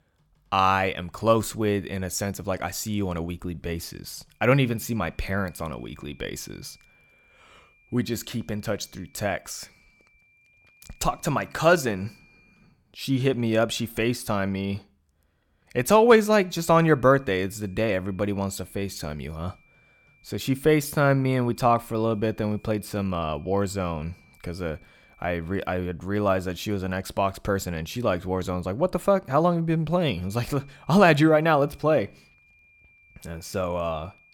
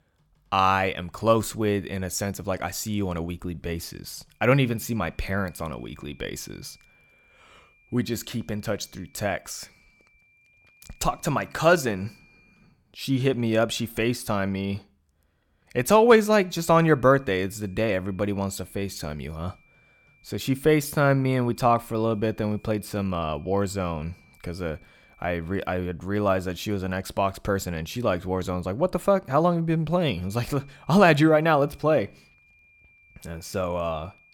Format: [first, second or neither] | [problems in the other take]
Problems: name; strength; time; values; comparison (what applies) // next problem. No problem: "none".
neither | high-pitched whine; faint; from 4.5 to 13 s, from 16 to 26 s and from 30 s on; 2.5 kHz, 35 dB below the speech; the same in both